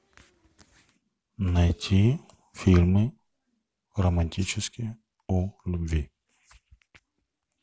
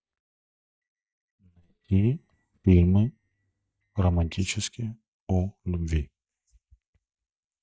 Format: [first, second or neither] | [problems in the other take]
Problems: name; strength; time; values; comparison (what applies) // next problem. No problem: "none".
first | noise reduction (neural mask model DeepFilterNet 3)